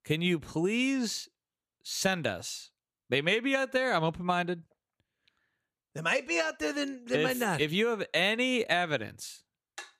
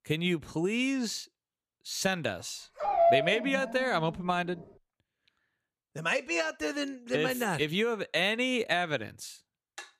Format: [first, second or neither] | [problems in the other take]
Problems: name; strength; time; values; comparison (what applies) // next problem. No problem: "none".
first | dog barking; loud; from 3 to 4 s; peak 6 dB above the speech